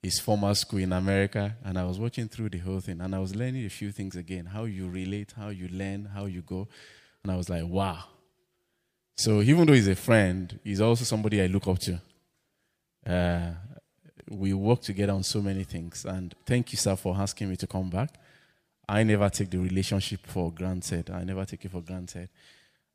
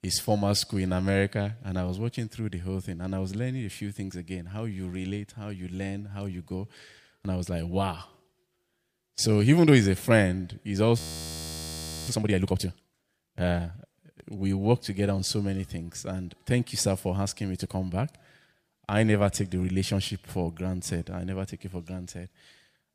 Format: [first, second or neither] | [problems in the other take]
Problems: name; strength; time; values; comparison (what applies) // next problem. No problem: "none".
first | audio freezing; at 11 s for 1 s